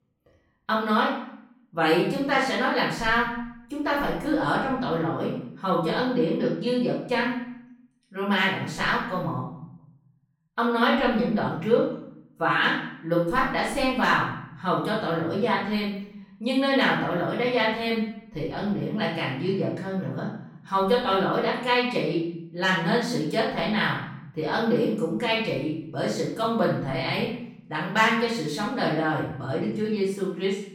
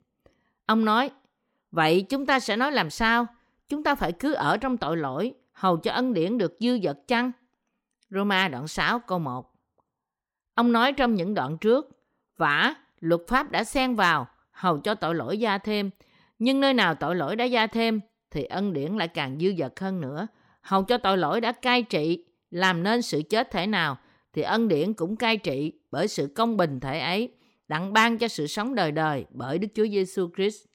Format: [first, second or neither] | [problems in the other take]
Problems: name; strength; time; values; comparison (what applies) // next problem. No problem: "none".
second | off-mic speech; far // room echo; noticeable; dies away in 0.7 s